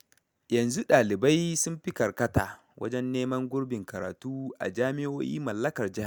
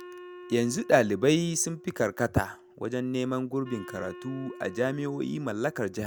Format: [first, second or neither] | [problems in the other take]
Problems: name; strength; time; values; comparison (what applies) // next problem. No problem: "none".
first | background sound (Wind instrument, woodwind instrument); 18 dB below the speech